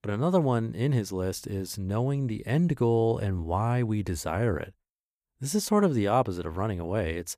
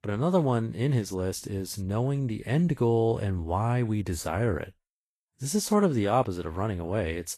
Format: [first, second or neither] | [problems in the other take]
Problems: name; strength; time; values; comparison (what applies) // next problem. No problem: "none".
first | garbled, watery; slightly; nothing above 12.5 kHz